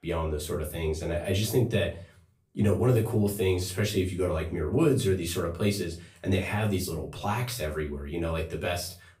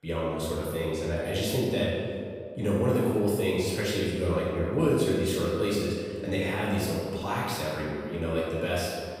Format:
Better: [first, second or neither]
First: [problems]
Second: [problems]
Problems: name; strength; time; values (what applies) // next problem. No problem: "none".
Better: first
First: room echo; slight; dies away in 0.3 s // off-mic speech; far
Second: room echo; strong; dies away in 2.1 s // off-mic speech; far